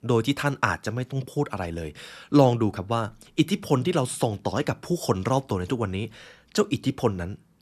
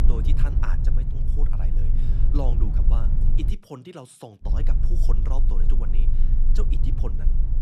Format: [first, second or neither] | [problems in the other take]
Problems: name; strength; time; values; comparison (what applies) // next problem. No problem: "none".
first | low rumble; loud; until 3.5 s and from 4.5 s on; 3 dB below the speech